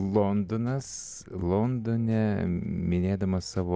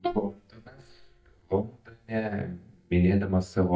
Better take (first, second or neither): first